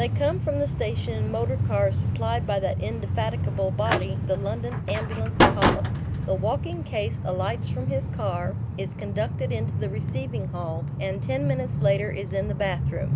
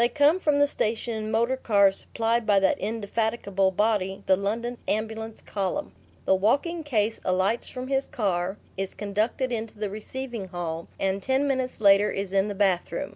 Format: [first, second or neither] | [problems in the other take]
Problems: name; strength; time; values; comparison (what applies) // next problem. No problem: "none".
second | background sound (Slam + Train); 3 dB above the speech